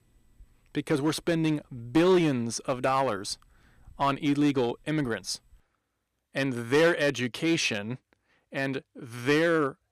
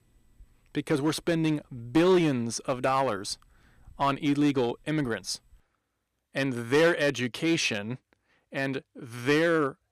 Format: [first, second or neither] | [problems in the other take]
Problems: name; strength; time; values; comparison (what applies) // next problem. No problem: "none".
neither | distortion; slight; 3% of the sound clipped; the same in both